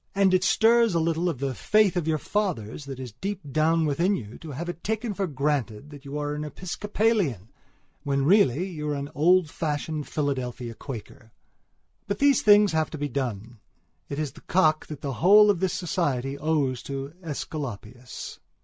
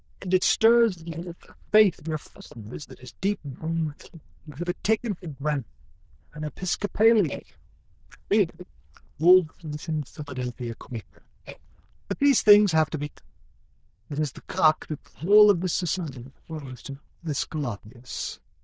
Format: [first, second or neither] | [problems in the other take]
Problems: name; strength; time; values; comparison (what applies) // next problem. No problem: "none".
first | noise reduction (neural diffusion model UNIVERSE++)